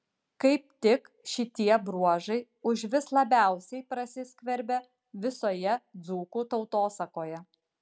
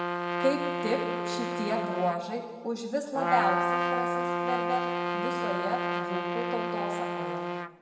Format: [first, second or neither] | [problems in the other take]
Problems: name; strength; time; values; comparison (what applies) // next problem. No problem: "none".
first | background sound (Trumpet); 2 dB above the speech // room echo; dies away in 1.5 s